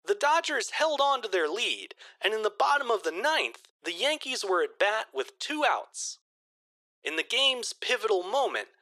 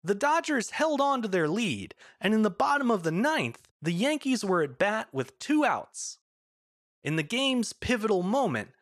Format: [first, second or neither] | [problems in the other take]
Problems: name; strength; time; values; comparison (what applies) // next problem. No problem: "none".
second | thin; very; fading below 350 Hz